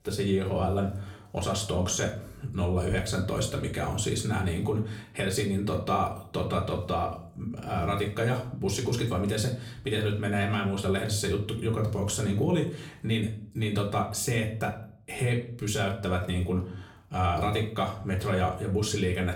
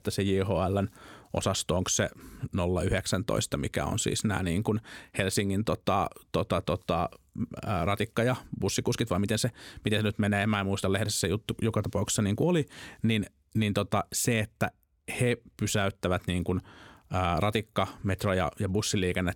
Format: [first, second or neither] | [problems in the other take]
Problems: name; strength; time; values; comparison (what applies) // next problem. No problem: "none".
second | room echo; slight; dies away in 0.4 s // off-mic speech; far